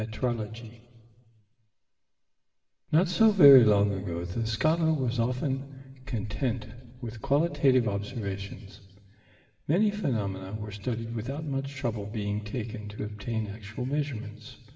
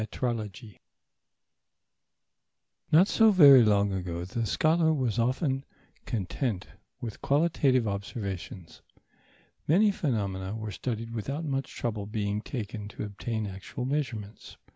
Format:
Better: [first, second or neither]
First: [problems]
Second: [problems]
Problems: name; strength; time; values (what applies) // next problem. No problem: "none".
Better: second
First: room echo; dies away in 1.6 s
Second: none